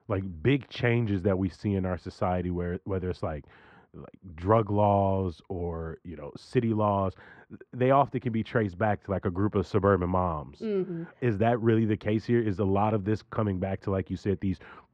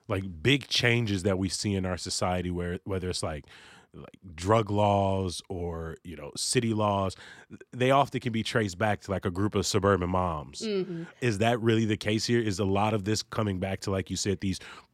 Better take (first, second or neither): second